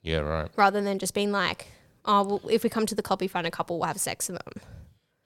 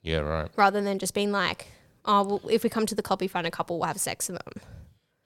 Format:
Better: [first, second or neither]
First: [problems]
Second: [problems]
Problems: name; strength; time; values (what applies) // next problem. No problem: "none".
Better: neither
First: none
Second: none